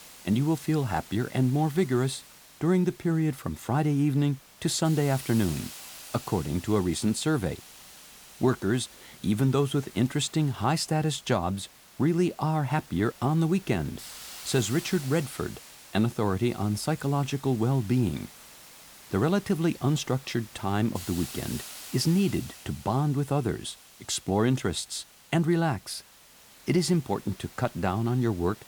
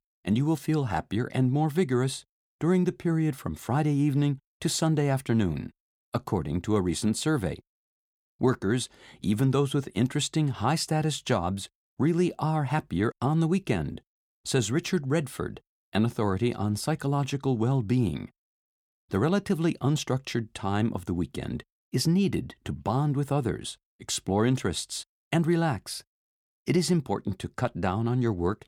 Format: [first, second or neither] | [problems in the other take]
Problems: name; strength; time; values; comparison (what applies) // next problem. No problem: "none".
second | hiss; noticeable; throughout; 15 dB below the speech